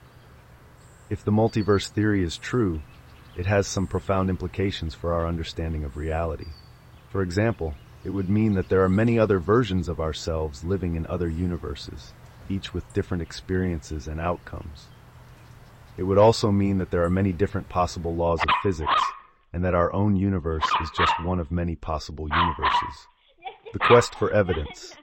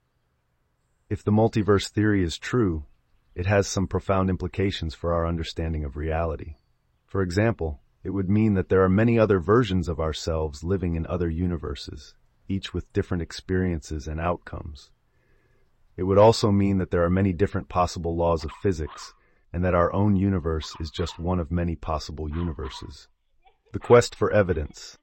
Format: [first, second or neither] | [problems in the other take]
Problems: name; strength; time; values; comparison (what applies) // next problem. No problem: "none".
second | animal sounds; loud; throughout; as loud as the speech; faint in the second